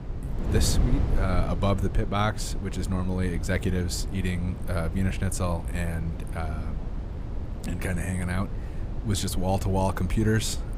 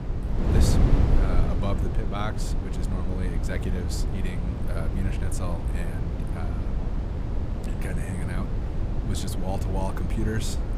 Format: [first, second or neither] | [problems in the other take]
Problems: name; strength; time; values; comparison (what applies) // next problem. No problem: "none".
first | wind noise on the microphone; heavy; 1 dB below the speech; occasional gusts in the first